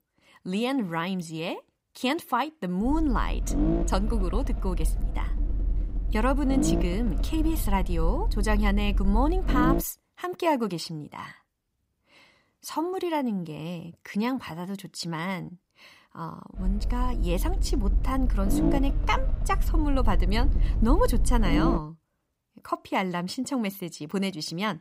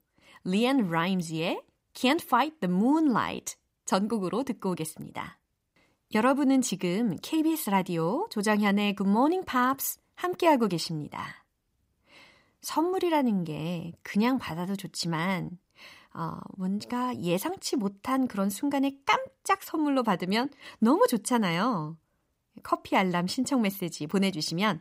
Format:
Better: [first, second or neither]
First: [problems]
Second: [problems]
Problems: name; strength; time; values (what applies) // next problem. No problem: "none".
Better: second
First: low rumble; loud; from 3 to 10 s and from 17 to 22 s; 6 dB below the speech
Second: none